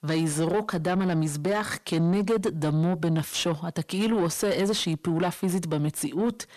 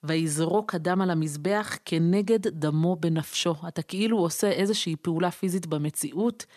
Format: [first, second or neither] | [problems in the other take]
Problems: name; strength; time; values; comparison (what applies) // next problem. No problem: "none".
second | distortion; slight; 10 dB below the speech